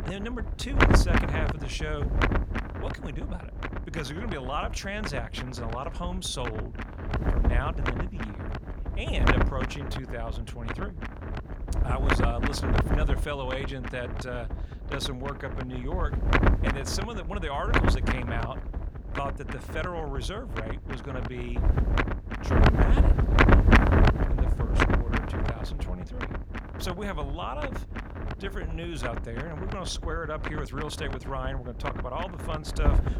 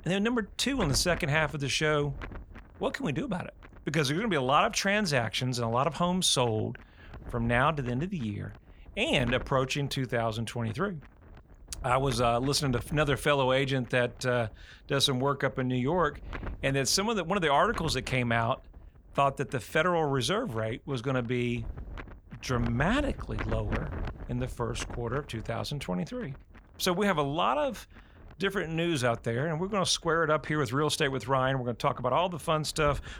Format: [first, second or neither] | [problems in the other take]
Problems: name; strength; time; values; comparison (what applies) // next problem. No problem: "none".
second | wind noise on the microphone; heavy; 4 dB above the speech; occasional gusts in the second